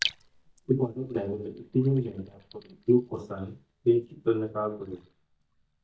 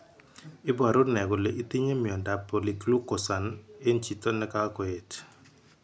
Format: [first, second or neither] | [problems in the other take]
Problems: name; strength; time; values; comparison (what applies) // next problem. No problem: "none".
second | noise reduction (neural mask model DeepFilterNet 3)